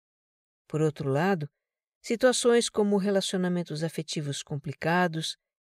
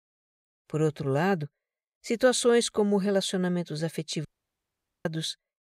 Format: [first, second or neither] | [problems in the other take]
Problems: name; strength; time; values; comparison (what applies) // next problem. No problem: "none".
first | audio cutting out; at 4.5 s for 1 s